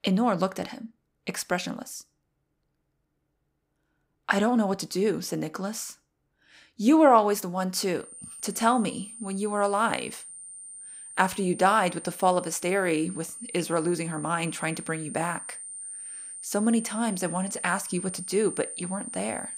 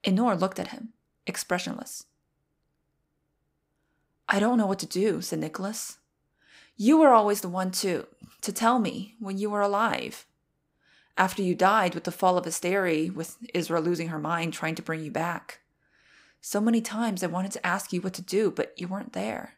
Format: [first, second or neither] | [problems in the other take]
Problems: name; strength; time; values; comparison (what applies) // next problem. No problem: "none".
second | high-pitched whine; noticeable; from 8 s on; 9 kHz, 10 dB below the speech